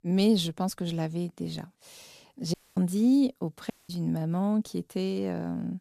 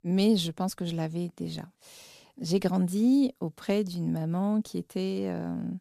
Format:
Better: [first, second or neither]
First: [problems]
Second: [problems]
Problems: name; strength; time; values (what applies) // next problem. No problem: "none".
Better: second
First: audio cutting out; at 2.5 s and at 3.5 s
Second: none